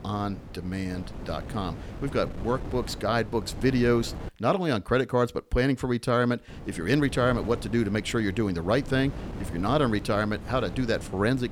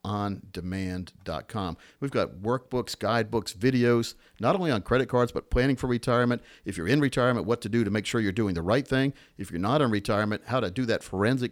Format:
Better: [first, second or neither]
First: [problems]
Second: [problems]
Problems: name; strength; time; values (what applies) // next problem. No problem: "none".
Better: second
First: wind noise on the microphone; occasional gusts; until 4.5 s and from 6.5 s on; 15 dB below the speech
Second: none